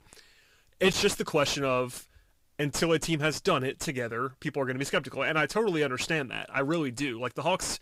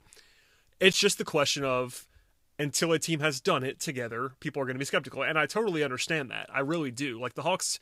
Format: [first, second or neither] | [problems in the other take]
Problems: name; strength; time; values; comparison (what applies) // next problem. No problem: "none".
second | distortion; slight; 9 dB below the speech